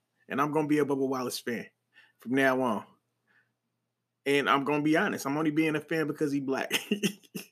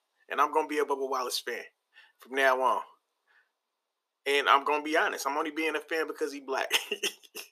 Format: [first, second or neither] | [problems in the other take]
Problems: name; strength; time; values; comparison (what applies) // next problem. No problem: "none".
first | thin; very; fading below 400 Hz